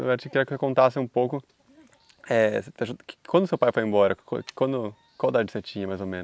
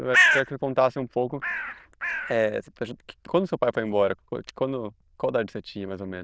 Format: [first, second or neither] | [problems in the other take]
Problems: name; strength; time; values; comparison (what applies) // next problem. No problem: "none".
first | noise reduction (neural diffusion model UNIVERSE++)